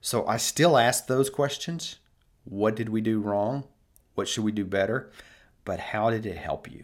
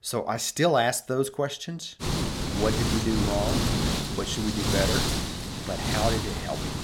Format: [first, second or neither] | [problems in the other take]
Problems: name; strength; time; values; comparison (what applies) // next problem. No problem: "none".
first | wind noise on the microphone; heavy; from 2 s on; 1 dB below the speech